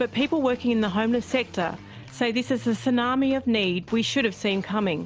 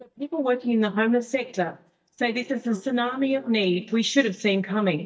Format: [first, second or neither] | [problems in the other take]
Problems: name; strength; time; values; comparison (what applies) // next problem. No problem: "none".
first | noise reduction (neural mask model DeepFilterNet 3)